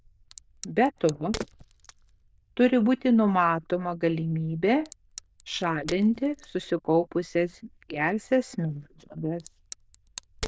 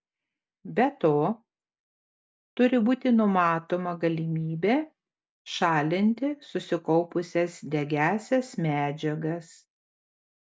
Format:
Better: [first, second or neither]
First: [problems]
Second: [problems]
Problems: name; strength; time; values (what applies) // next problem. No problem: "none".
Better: second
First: noise reduction (neural diffusion model UNIVERSE++)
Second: none